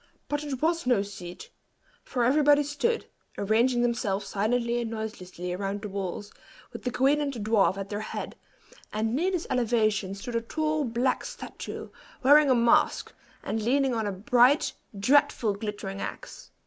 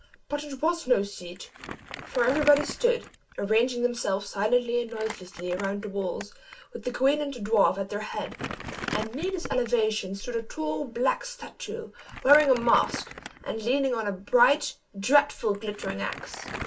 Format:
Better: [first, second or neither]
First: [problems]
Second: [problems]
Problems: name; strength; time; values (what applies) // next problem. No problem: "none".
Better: first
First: none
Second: background sound (Crumpling, crinkling); 14 dB below the speech // room echo; dies away in 0.2 s